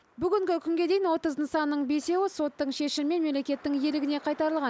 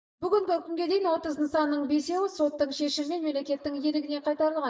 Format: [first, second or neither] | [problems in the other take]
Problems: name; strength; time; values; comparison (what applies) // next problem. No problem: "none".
first | noise reduction (neural mask model DeepFilterNet 3)